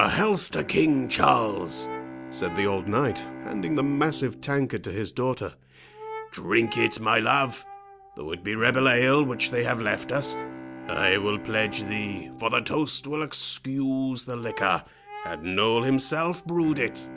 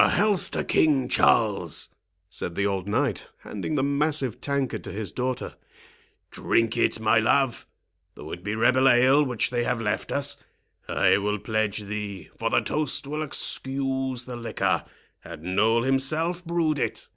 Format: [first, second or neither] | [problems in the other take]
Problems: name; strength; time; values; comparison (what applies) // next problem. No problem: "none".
second | background sound (Bowed string instrument + Brass instrument); 13 dB below the speech